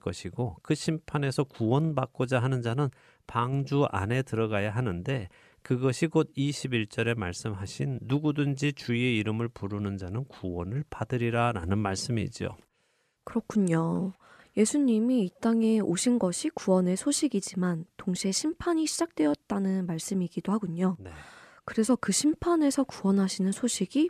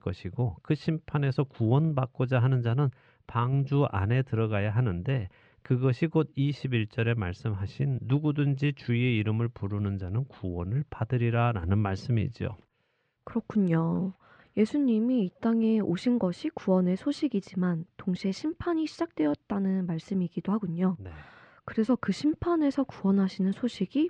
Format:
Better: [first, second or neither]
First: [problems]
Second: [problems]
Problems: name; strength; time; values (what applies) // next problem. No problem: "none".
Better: first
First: none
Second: muffled; slightly; fading above 3.5 kHz